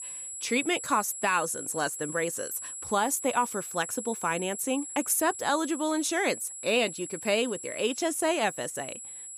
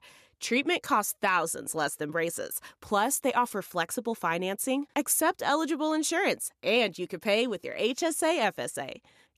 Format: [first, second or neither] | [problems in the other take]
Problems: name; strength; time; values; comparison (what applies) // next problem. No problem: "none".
second | high-pitched whine; loud; throughout; 7.5 kHz, 8 dB below the speech